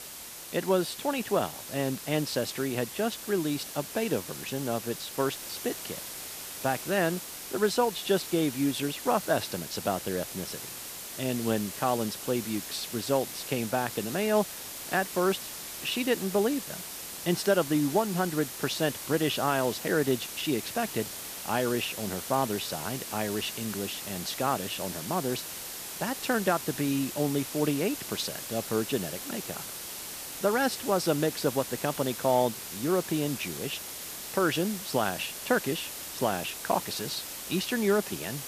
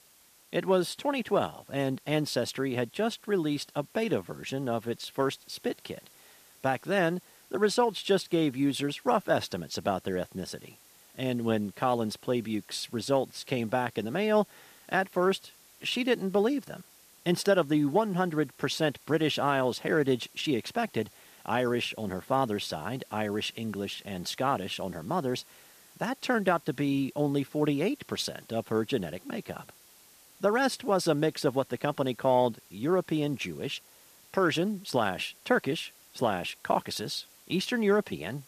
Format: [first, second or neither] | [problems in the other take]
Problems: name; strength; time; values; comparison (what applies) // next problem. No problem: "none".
second | hiss; loud; throughout; 7 dB below the speech; faint in the second